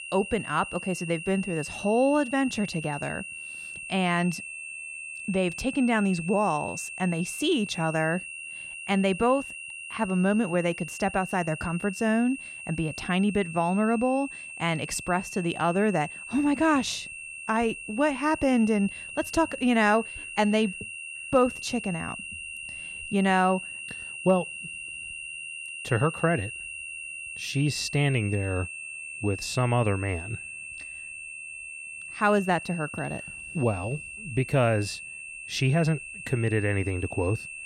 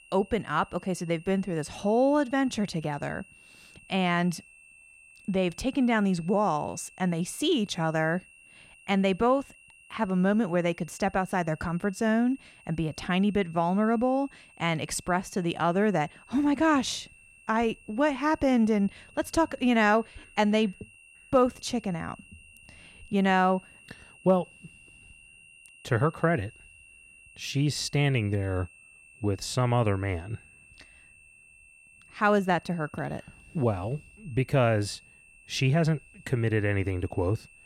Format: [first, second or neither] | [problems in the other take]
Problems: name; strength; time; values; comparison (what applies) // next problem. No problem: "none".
second | high-pitched whine; loud; throughout; 3 kHz, 10 dB below the speech; faint in the second